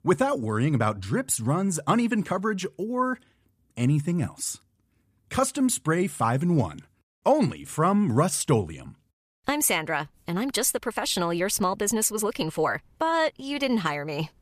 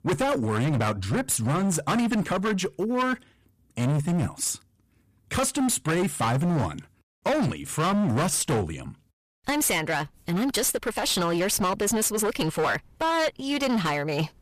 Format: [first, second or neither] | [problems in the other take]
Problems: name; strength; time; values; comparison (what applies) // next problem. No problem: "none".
first | distortion; heavy; 21% of the sound clipped